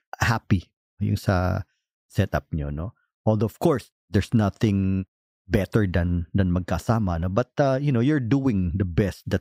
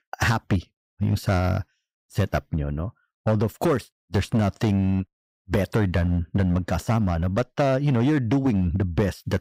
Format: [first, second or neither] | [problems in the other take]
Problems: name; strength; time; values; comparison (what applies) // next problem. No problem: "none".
first | distortion; slight; 8% of the sound clipped